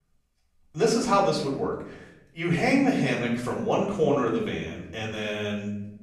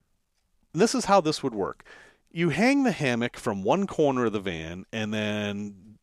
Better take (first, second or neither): second